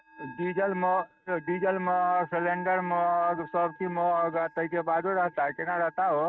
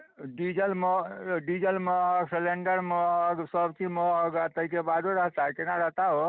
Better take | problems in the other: second | noise reduction (neural mask model RNNoise)

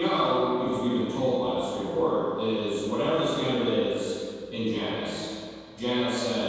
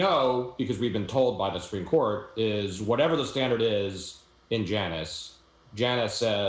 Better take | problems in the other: second | room echo; dies away in 2.1 s

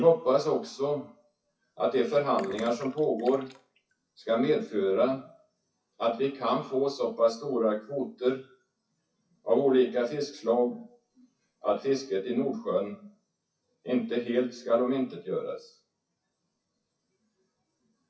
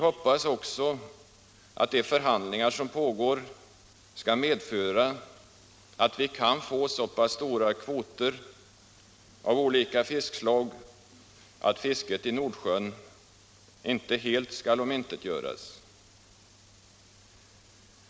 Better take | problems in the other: second | noise reduction (classical method WPE with log-MMSE)

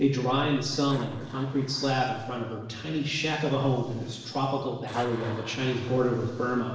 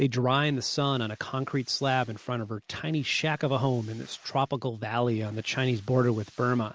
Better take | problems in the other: second | noise reduction (neural separator model SepFormer DNS4)

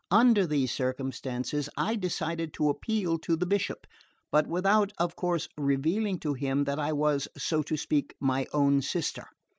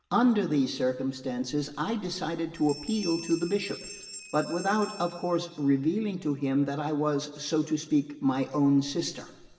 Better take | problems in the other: first | background sound (Bell); 20 dB below the speech // room echo; dies away in 1 s

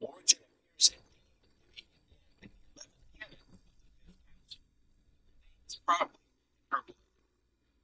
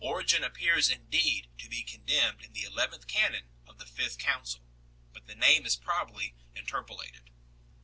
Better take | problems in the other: second | noise reduction (neural mask model DeepFilterNet 3)

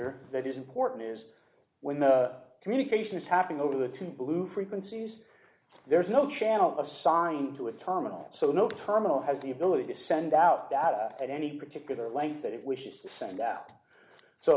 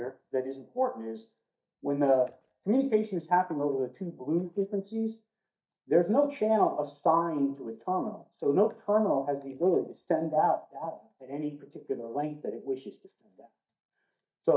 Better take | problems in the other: first | noise reduction (neural mask model DeepFilterNet 3)

